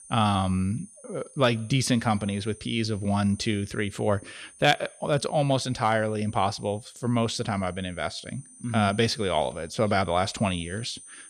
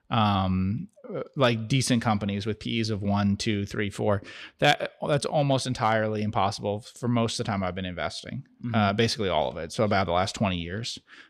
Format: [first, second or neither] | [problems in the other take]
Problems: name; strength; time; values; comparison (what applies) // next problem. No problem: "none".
second | high-pitched whine; faint; throughout; 9 kHz, 20 dB below the speech